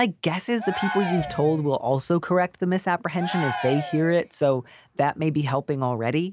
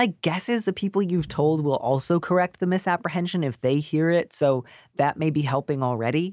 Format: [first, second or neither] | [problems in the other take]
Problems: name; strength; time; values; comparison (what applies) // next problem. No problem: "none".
second | background sound (Cheering); 11 dB below the speech